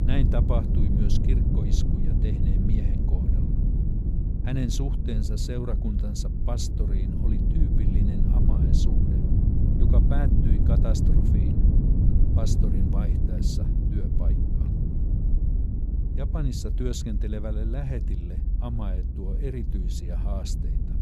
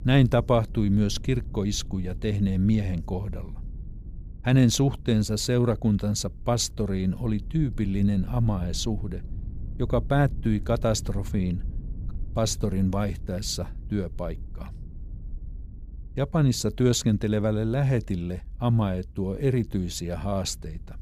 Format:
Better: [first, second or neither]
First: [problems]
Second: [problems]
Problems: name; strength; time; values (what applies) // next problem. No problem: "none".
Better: second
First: low rumble; loud; throughout; as loud as the speech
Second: low rumble; faint; throughout; 25 dB below the speech